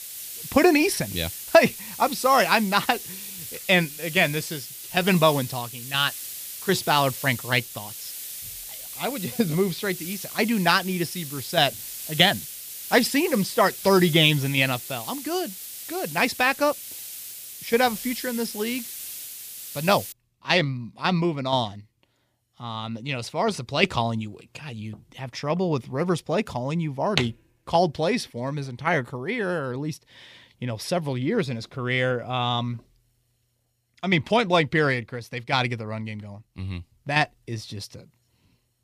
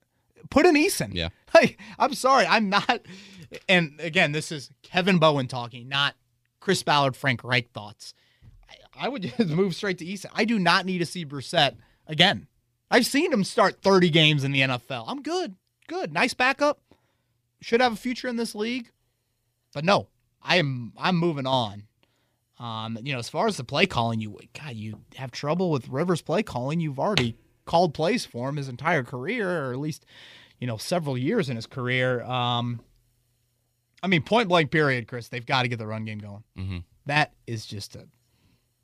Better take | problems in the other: second | hiss; noticeable; until 20 s; 10 dB below the speech

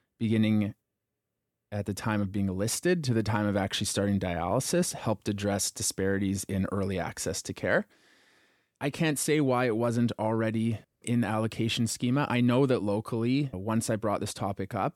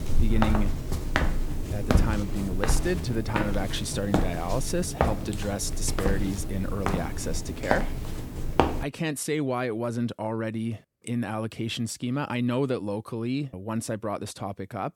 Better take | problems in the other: first | footsteps; loud; until 9 s; peak 5 dB above the speech

